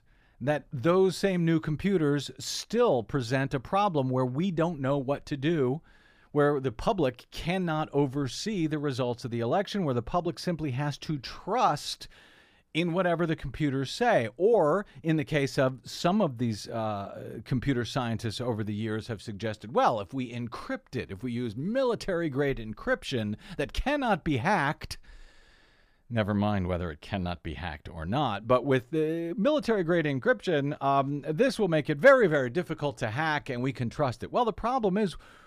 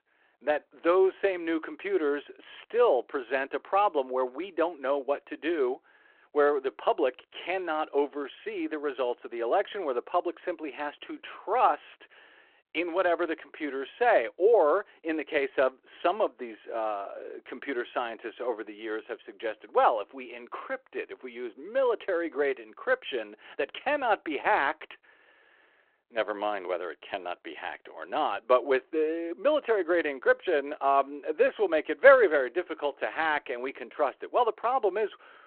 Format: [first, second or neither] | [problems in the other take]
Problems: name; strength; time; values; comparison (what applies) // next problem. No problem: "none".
first | phone-call audio